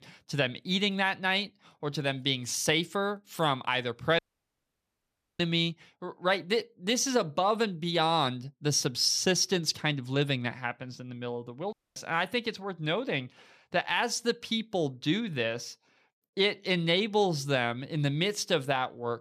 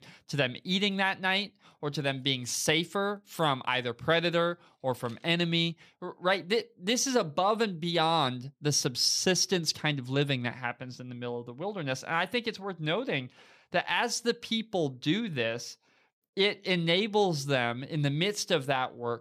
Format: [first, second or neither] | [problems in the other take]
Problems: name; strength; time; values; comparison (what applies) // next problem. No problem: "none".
second | audio cutting out; at 4 s for 1 s and at 12 s